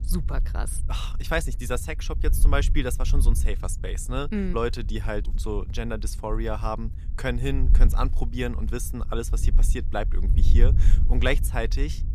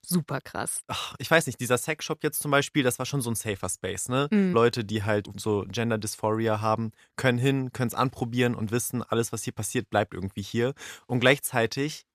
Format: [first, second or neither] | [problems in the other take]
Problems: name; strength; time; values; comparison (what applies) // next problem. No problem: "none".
second | wind noise on the microphone; occasional gusts; 15 dB below the speech